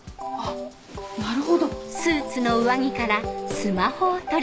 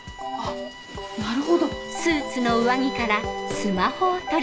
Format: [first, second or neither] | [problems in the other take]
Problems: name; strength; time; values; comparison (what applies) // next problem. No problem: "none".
first | background sound (Bowed string instrument); 15 dB below the speech